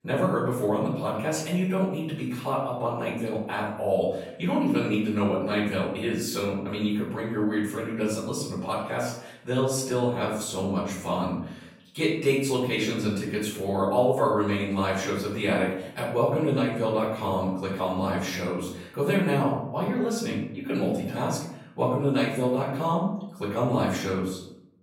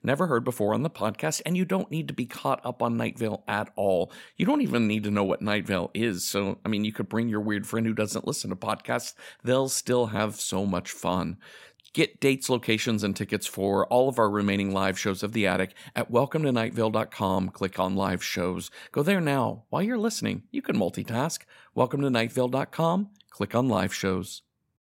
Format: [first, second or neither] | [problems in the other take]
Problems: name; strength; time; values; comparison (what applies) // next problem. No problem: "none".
second | off-mic speech; far // room echo; noticeable; dies away in 0.7 s